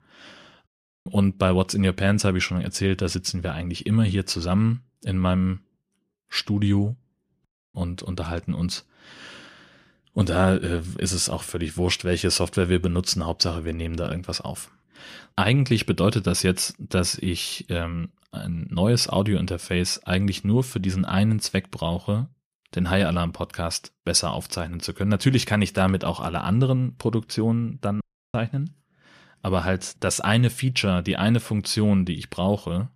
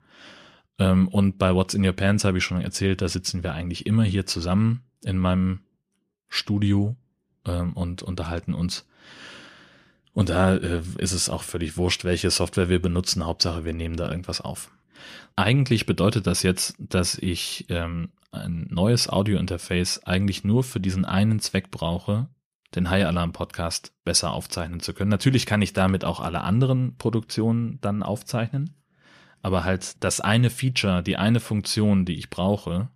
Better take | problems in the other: second | audio cutting out; at 0.5 s, at 7.5 s and at 28 s

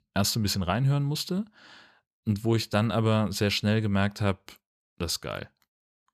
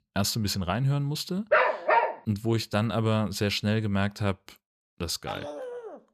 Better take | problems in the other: first | dog barking; loud; at 1.5 s; peak 6 dB above the speech // dog barking; noticeable; at 5.5 s; peak 9 dB below the speech

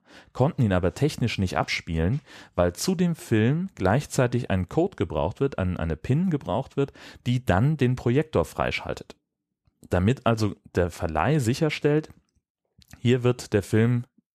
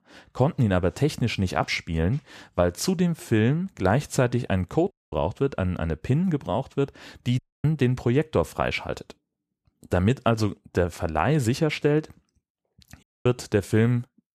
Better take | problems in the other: first | audio cutting out; at 5 s, at 7.5 s and at 13 s

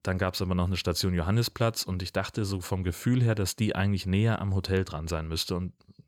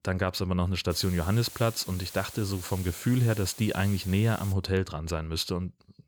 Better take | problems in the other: first | hiss; noticeable; from 1 to 4.5 s; 15 dB below the speech

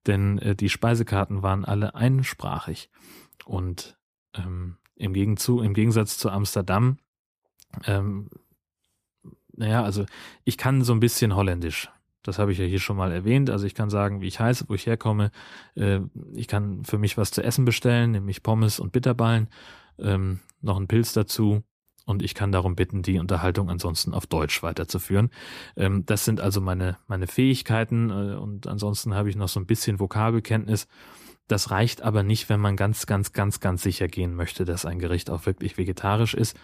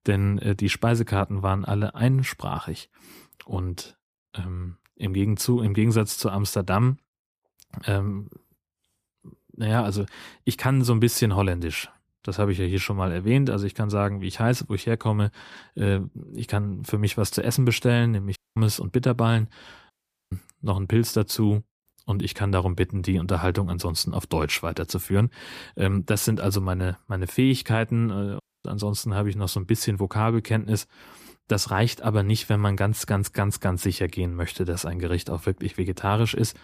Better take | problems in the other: first | audio cutting out; at 18 s, at 20 s and at 28 s

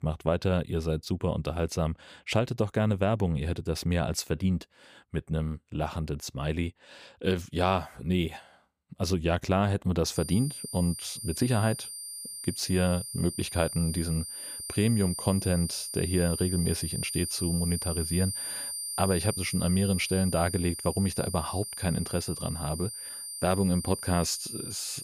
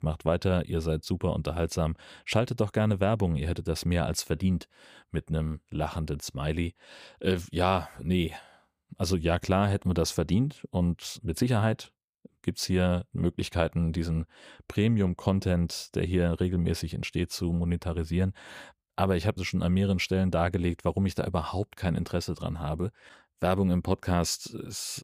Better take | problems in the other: second | high-pitched whine; loud; from 10 s on; 9 kHz, 5 dB below the speech

